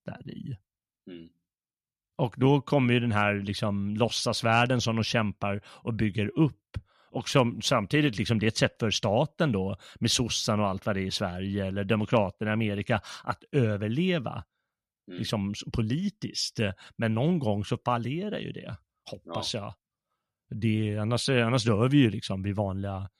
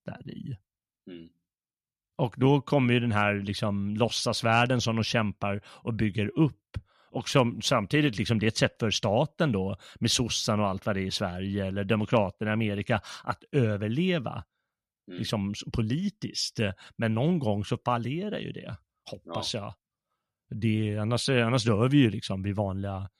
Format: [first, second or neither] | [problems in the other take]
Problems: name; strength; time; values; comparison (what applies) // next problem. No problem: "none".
neither | none